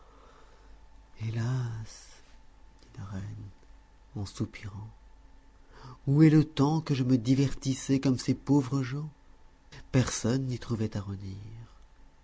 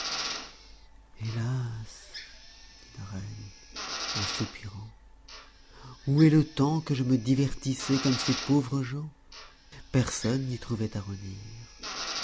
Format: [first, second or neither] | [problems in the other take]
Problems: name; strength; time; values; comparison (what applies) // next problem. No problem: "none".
first | background sound (Drill); 11 dB below the speech